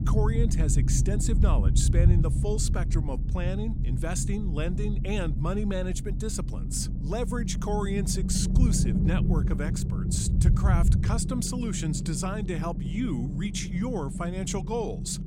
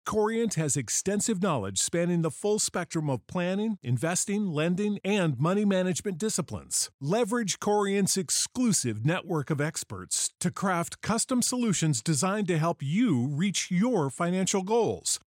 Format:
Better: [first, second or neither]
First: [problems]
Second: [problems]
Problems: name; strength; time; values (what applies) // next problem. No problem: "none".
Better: second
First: low rumble; loud; throughout; 6 dB below the speech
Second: none